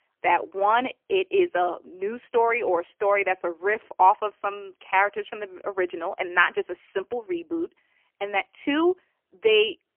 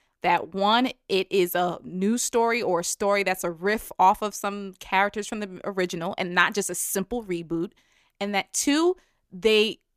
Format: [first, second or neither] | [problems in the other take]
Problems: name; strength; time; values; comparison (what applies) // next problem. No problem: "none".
second | phone-call audio; poor line; nothing above 3 kHz